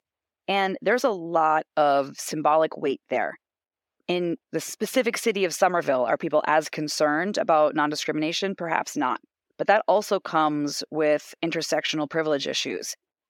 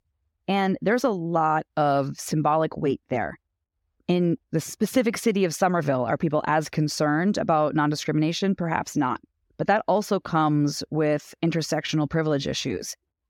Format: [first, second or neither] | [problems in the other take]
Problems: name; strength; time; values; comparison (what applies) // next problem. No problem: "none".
second | thin; somewhat; fading below 350 Hz